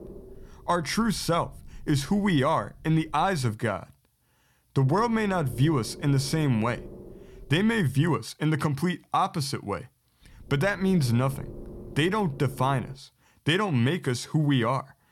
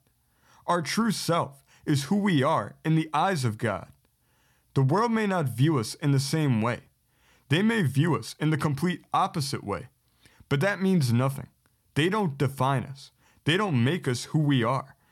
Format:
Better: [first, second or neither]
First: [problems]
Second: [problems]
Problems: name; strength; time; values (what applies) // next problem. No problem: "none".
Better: second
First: low rumble; faint; until 3.5 s, from 5 to 8 s and from 10 to 13 s; 20 dB below the speech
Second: none